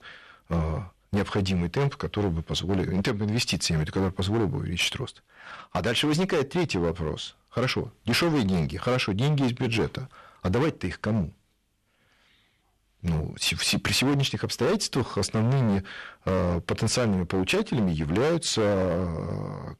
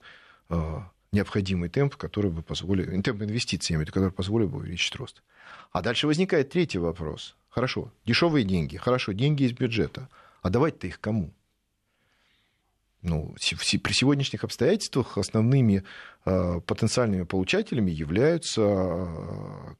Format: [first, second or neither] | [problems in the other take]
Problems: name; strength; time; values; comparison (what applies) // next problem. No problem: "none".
second | distortion; heavy; 16% of the sound clipped